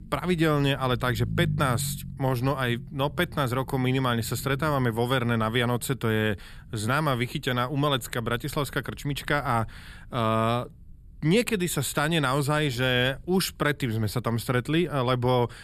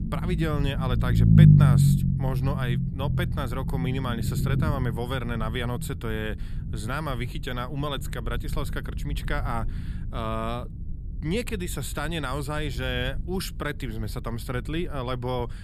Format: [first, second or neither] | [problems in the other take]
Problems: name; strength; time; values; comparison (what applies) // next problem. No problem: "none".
first | low rumble; loud; throughout; 2 dB below the speech; faint in the first